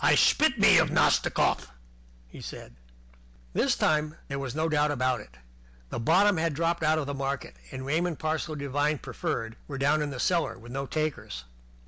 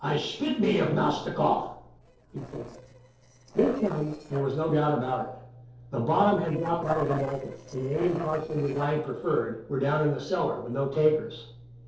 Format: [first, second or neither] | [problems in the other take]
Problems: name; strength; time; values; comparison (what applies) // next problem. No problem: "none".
first | noise reduction (neural separator model SepFormer DNS4)